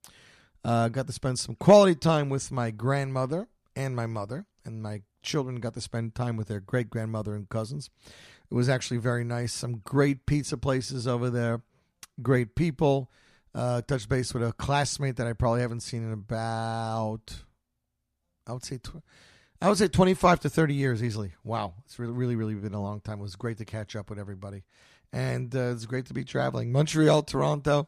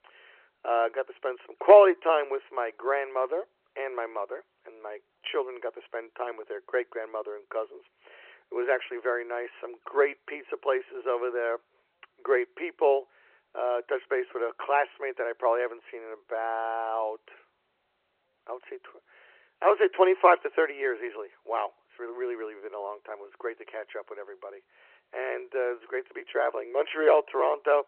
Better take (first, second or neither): first